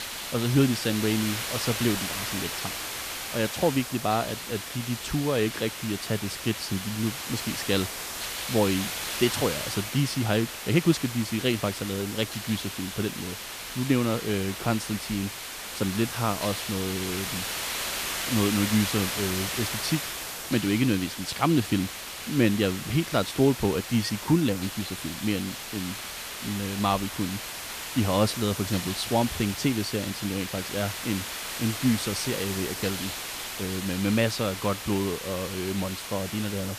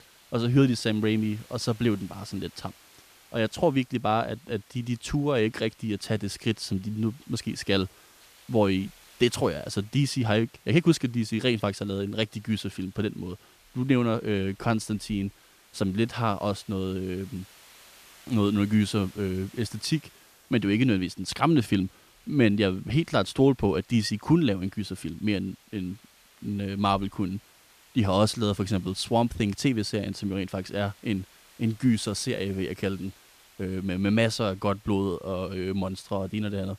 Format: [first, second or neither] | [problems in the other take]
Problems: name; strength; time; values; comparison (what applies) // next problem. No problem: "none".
second | hiss; loud; throughout; 5 dB below the speech; faint in the second